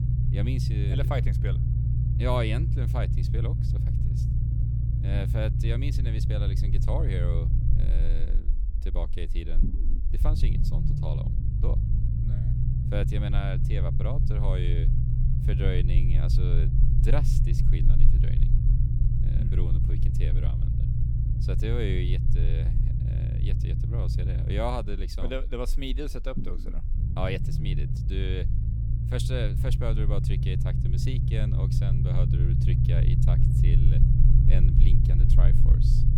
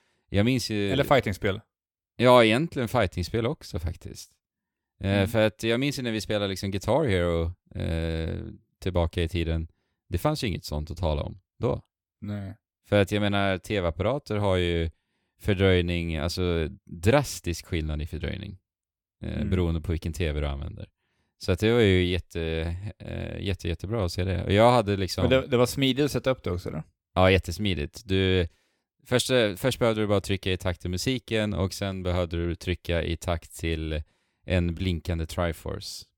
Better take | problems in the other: second | low rumble; loud; throughout; 2 dB below the speech

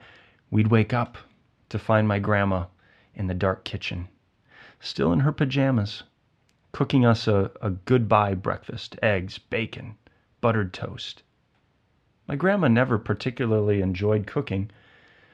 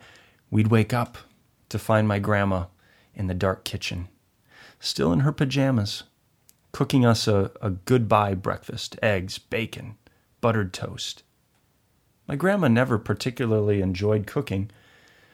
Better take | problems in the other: second | muffled; very slightly; fading above 3 kHz

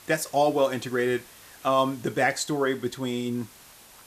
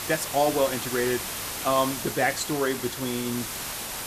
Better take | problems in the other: first | hiss; loud; throughout; 5 dB below the speech; faint in the first

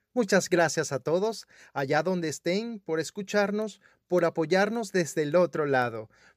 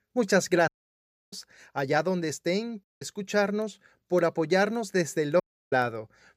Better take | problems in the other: first | audio cutting out; at 0.5 s for 0.5 s, at 3 s and at 5.5 s

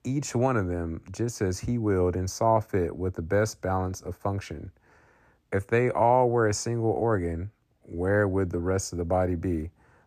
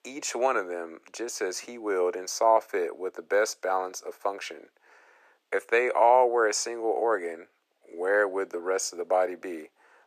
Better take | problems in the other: first | thin; very; fading below 400 Hz

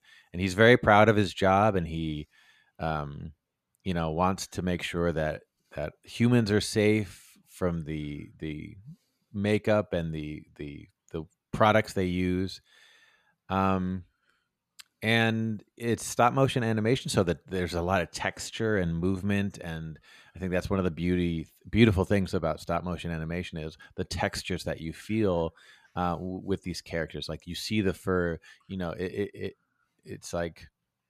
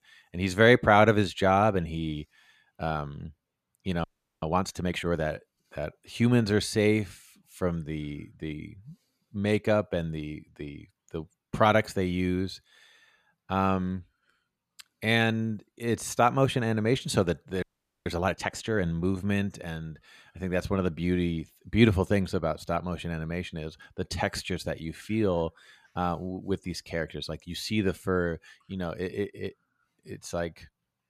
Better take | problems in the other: first | audio freezing; at 4 s and at 18 s

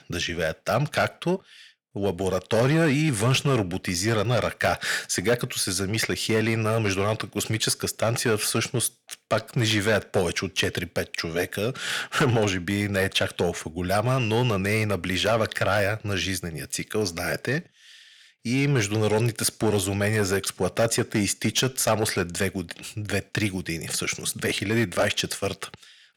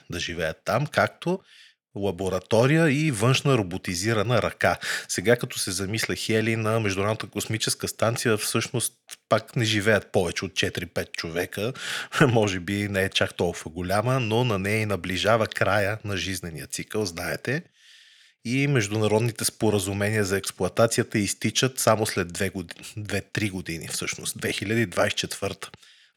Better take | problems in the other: second | distortion; slight; 10 dB below the speech

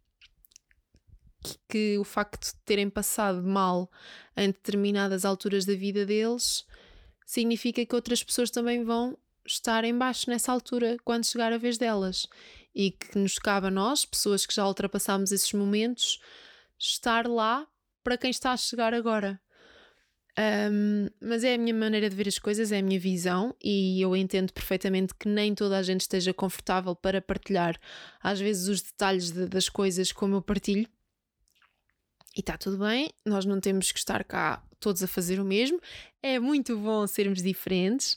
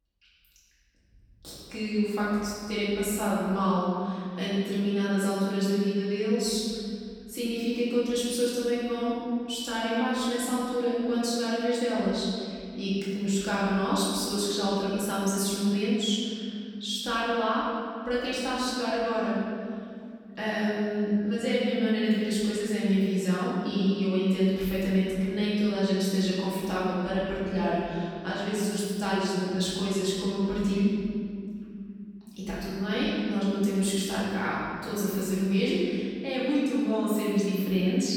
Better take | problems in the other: first | off-mic speech; far // room echo; strong; dies away in 2.4 s

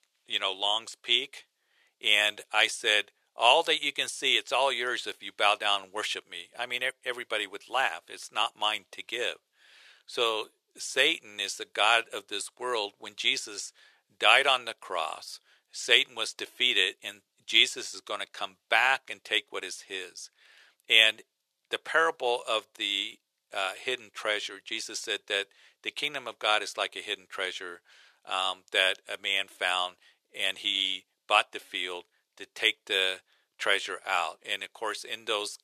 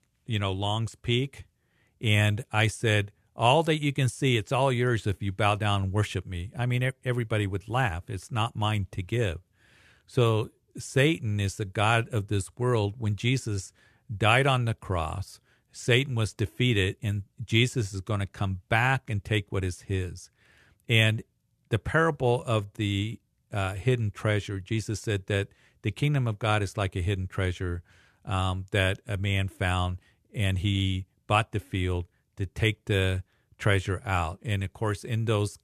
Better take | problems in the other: second | thin; very; fading below 500 Hz

